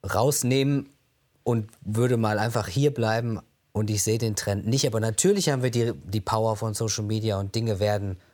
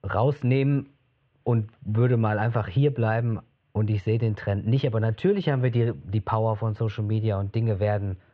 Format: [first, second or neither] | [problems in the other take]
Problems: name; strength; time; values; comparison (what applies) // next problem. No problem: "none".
first | muffled; very; fading above 3 kHz